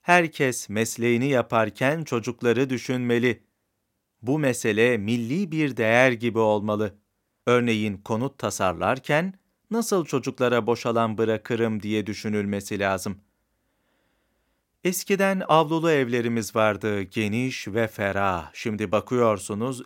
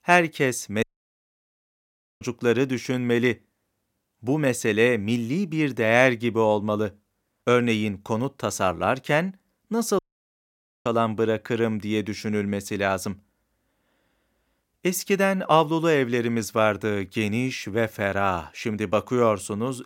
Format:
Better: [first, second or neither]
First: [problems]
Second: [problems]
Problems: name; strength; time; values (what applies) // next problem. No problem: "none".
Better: first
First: none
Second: audio cutting out; at 1 s for 1.5 s and at 10 s for 1 s